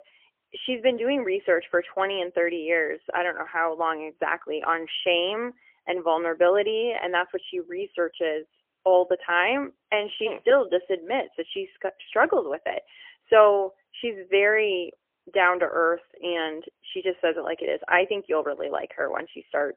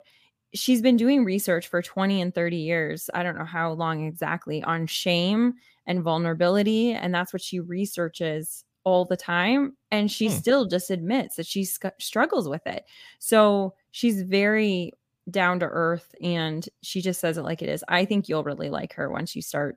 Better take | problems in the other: second | phone-call audio; poor line; nothing above 3 kHz

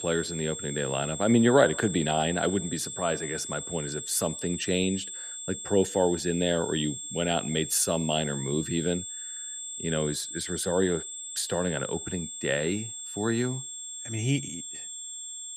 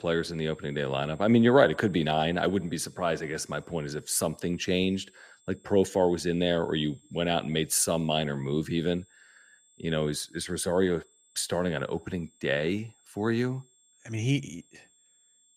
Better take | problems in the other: second | high-pitched whine; loud; throughout; 7.5 kHz, 7 dB below the speech; faint in the second

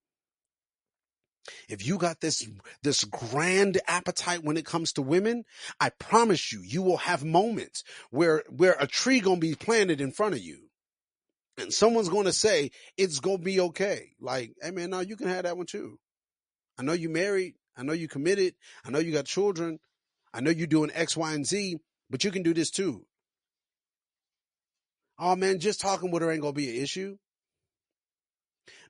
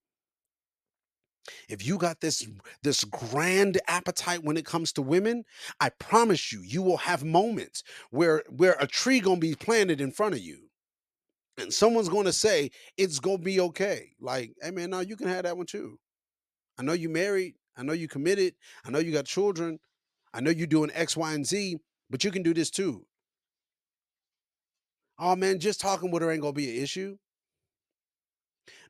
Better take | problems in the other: second | garbled, watery; slightly; nothing above 10.5 kHz

